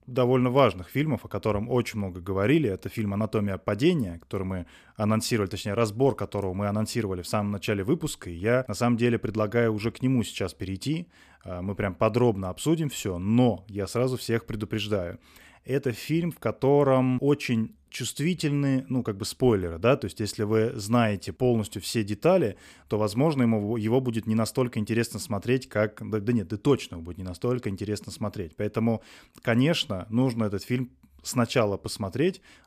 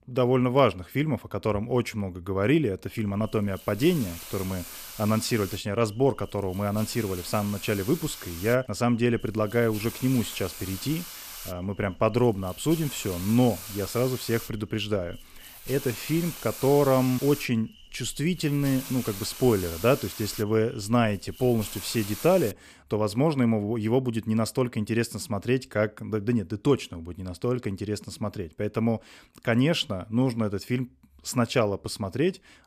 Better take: first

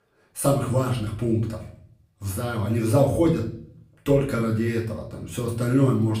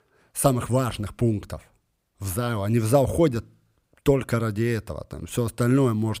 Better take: second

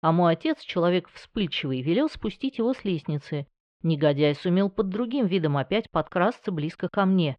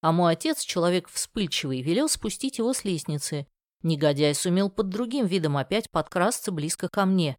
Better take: second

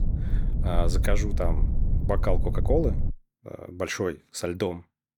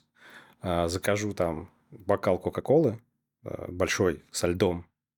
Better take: second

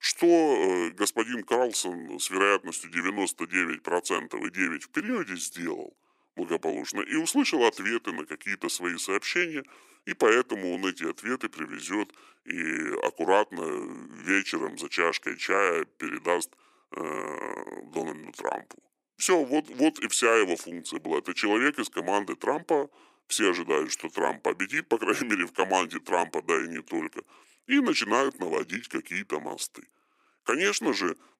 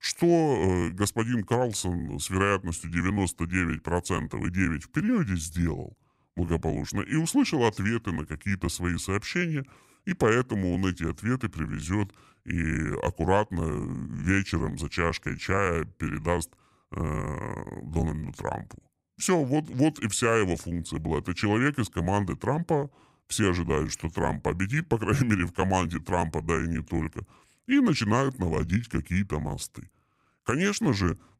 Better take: second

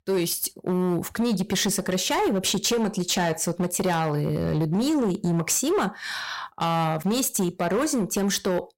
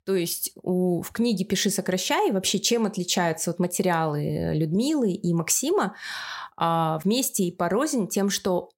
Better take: second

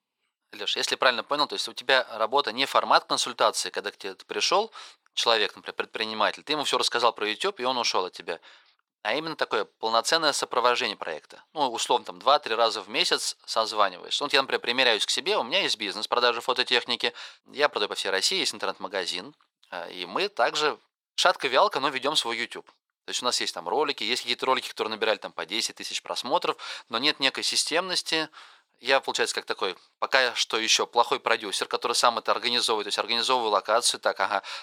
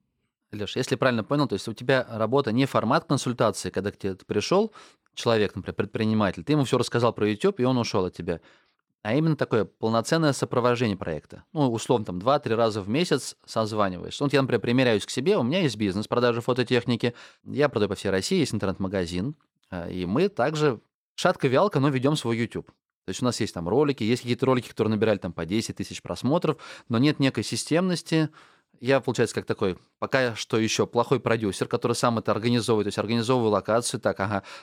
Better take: second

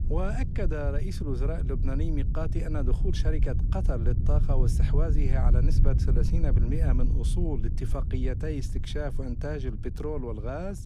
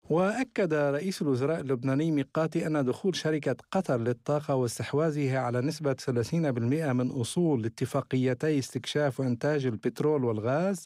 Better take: second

